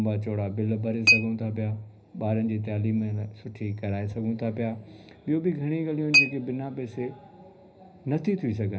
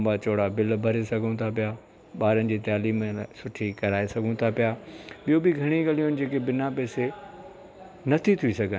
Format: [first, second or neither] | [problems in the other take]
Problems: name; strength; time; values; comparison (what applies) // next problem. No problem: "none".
second | background sound (Chink, clink); 3 dB below the speech // room echo; dies away in 0.5 s